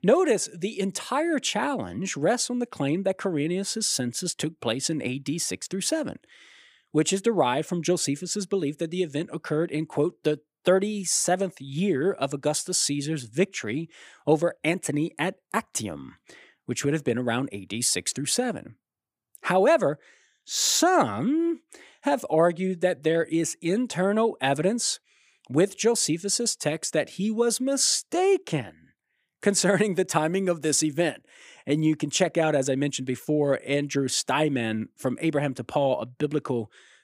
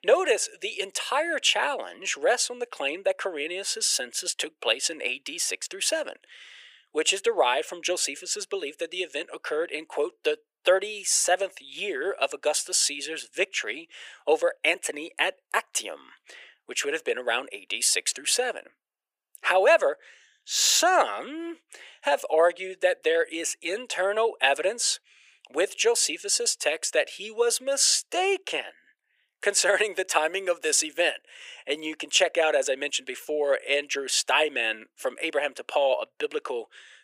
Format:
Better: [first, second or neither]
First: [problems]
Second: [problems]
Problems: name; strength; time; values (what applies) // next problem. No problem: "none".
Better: first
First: none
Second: thin; very; fading below 500 Hz